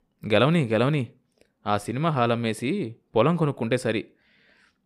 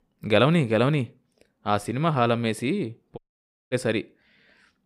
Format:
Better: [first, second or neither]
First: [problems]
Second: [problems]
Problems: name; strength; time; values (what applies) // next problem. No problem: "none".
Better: first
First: none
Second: audio cutting out; at 3 s for 0.5 s